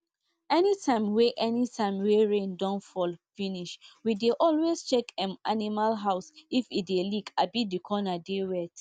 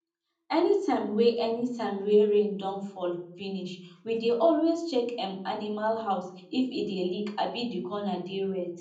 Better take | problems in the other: first | room echo; dies away in 0.6 s

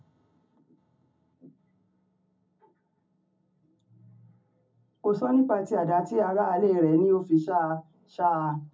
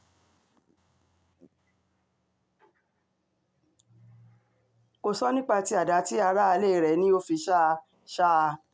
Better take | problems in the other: second | room echo; dies away in 0.4 s

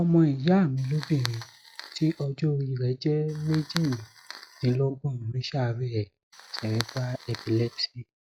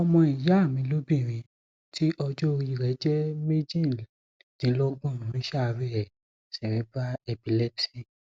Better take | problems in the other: second | noise reduction (classical method log-MMSE)

